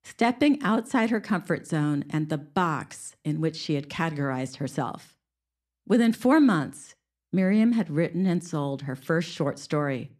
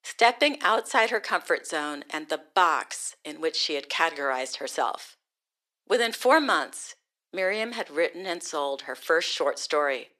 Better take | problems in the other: first | thin; very; fading below 450 Hz

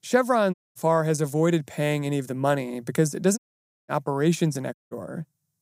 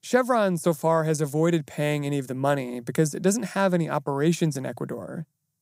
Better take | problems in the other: second | audio cutting out; at 0.5 s, at 3.5 s for 0.5 s and at 4.5 s

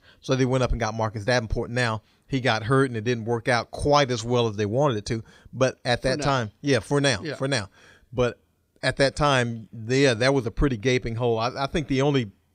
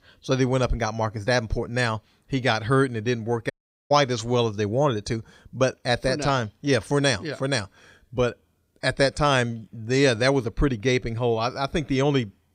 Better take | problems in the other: first | audio cutting out; at 3.5 s

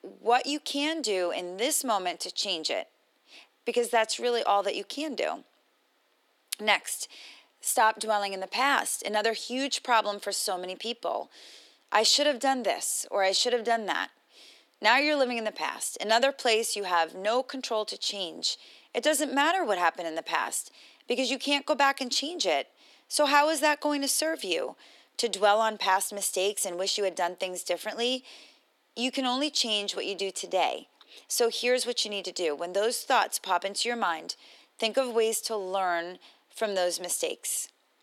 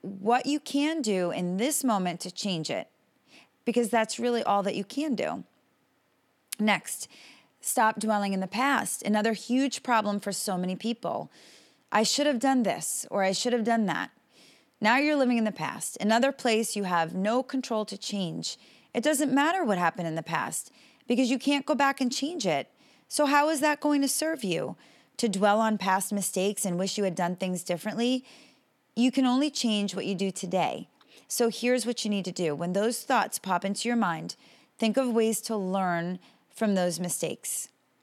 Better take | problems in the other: second | thin; somewhat; fading below 350 Hz

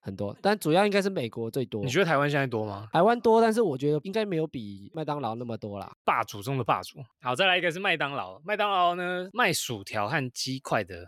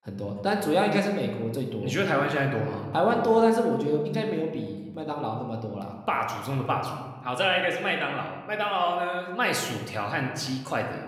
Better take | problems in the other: first | room echo; slight; dies away in 1.1 s

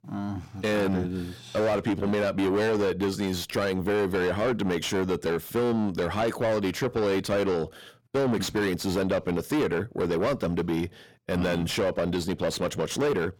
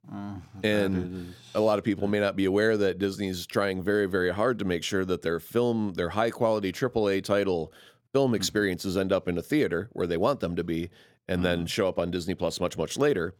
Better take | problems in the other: second | distortion; heavy; 7 dB below the speech

